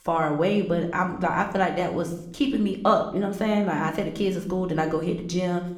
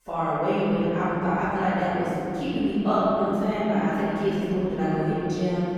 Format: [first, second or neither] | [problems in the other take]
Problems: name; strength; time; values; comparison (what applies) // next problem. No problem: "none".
first | room echo; strong; dies away in 3 s; slight in the first // off-mic speech; far